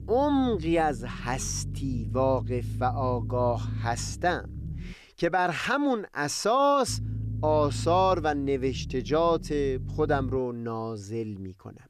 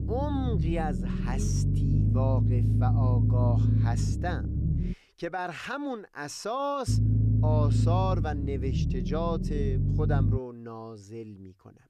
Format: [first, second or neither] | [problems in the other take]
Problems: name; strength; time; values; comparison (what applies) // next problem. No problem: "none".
first | low rumble; loud; until 5 s and from 7 to 10 s; 4 dB below the speech; faint in the first